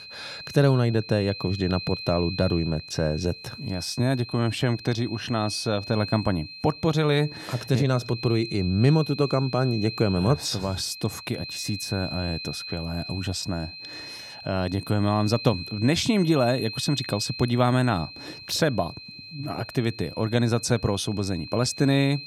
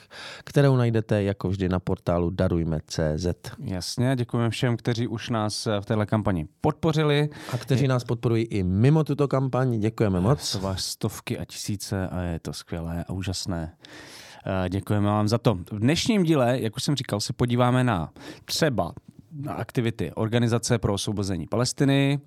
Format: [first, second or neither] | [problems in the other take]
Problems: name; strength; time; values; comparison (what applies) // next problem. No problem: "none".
second | high-pitched whine; noticeable; throughout; 4 kHz, 10 dB below the speech